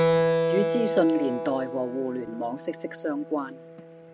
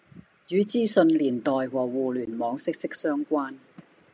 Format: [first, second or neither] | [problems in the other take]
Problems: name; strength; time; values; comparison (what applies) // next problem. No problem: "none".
second | background sound (Keyboard (musical)); 1 dB above the speech